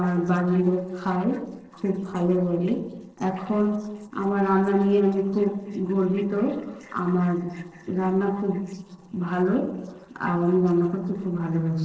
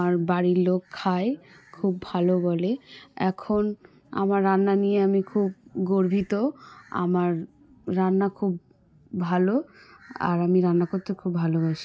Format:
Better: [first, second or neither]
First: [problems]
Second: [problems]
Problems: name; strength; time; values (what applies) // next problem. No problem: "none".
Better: second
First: noise reduction (neural separator model SepFormer DNS4)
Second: none